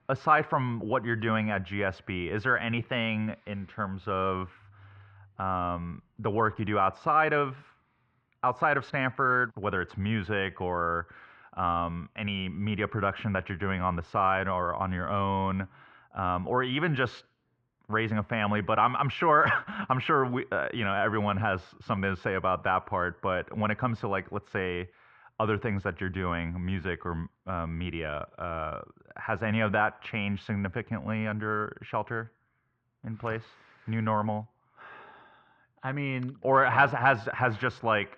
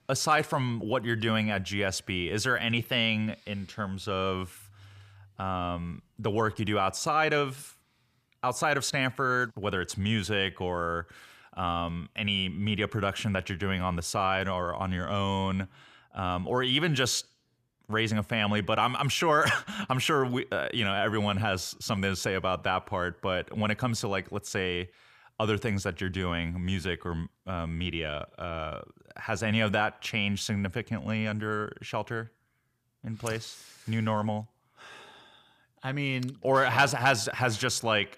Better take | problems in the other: second | muffled; very; fading above 2.5 kHz

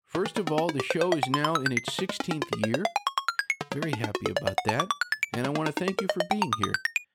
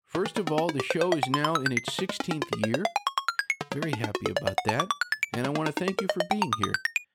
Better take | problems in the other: neither | phone ringing; loud; peak 4 dB above the speech; the same in both

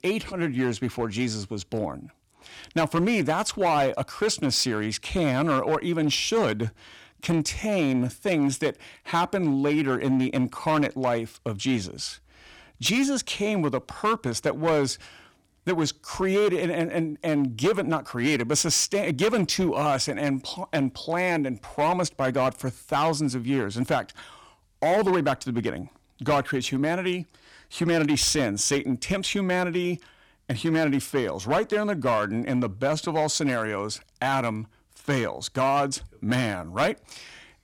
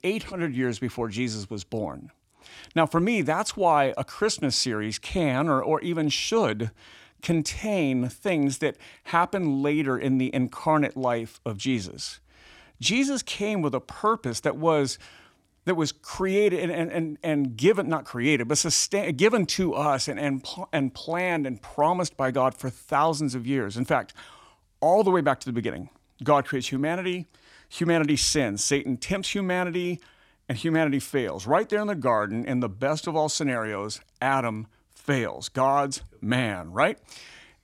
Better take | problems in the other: second | distortion; slight; 6% of the sound clipped

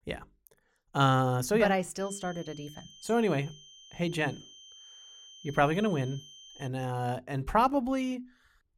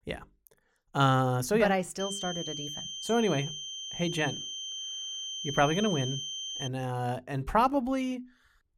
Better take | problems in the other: first | high-pitched whine; loud; from 2 to 6.5 s; 3 kHz, 6 dB below the speech; faint in the first

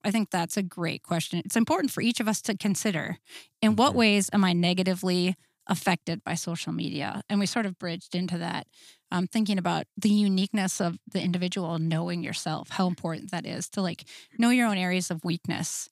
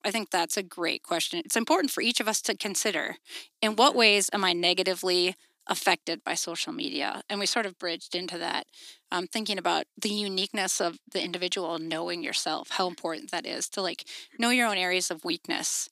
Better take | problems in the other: first | thin; somewhat; fading below 300 Hz

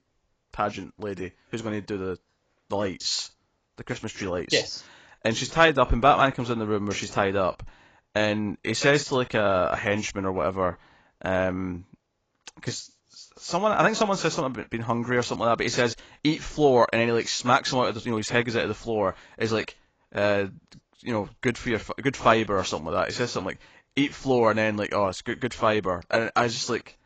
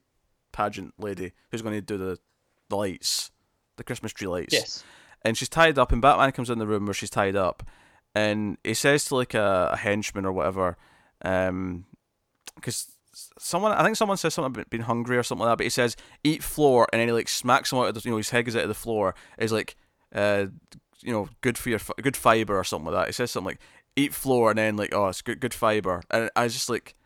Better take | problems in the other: second | garbled, watery; badly; nothing above 7.5 kHz

